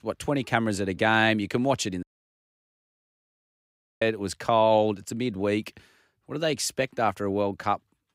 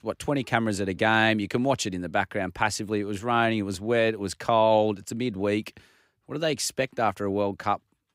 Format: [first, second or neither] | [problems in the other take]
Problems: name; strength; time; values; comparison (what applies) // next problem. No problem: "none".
second | audio cutting out; at 2 s for 2 s